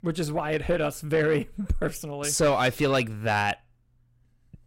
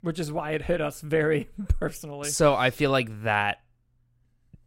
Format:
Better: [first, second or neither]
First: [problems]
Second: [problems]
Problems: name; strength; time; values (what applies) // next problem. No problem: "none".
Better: second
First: distortion; slight; 10 dB below the speech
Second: none